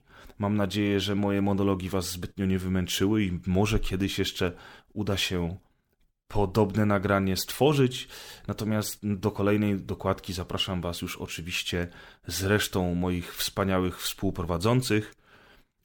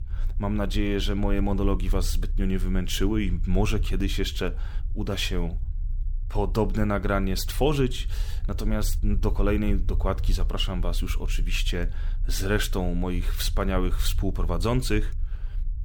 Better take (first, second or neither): first